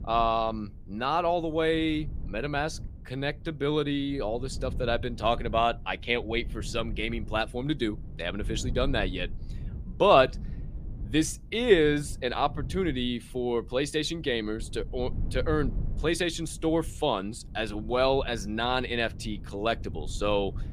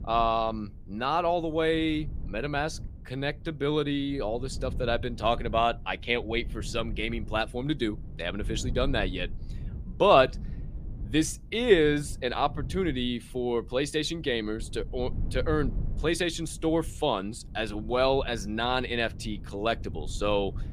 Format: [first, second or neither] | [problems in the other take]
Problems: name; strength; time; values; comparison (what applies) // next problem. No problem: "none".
neither | low rumble; faint; throughout; 25 dB below the speech; the same in both